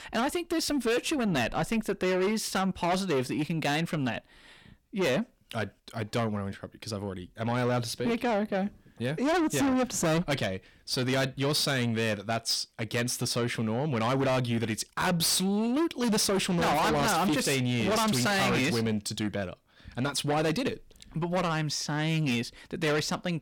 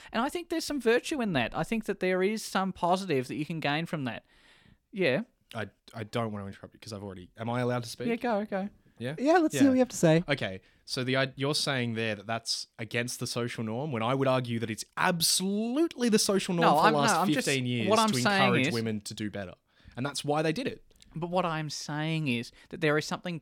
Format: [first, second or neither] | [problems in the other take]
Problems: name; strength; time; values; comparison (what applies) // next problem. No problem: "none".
second | distortion; heavy; 6 dB below the speech